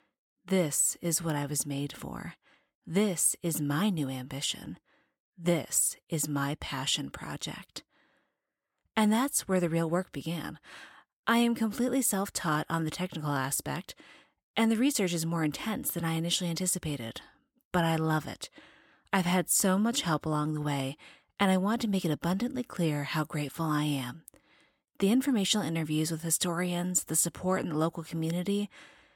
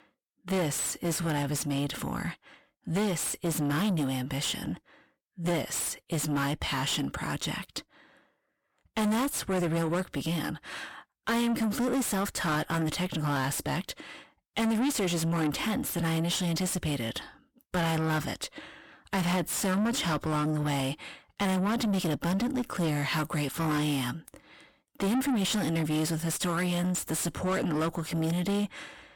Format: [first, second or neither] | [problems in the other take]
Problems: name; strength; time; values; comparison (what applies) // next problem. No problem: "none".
first | distortion; heavy; 5 dB below the speech